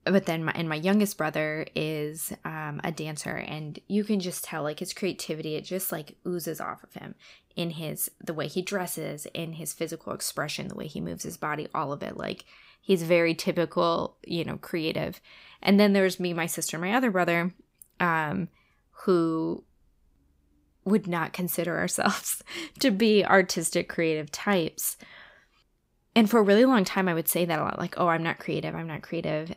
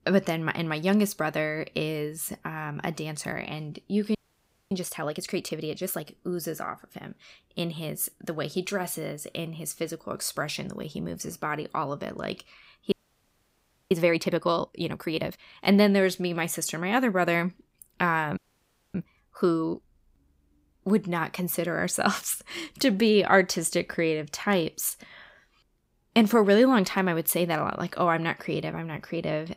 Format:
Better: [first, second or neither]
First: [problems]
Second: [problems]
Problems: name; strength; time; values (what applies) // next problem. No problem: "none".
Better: first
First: none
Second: audio freezing; at 4 s for 0.5 s, at 13 s for 1 s and at 18 s for 0.5 s